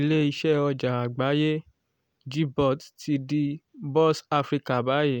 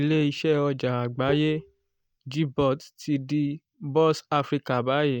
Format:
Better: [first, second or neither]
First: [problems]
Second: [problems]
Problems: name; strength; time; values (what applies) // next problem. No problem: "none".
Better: first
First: none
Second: noise reduction (neural mask model DeepFilterNet 3)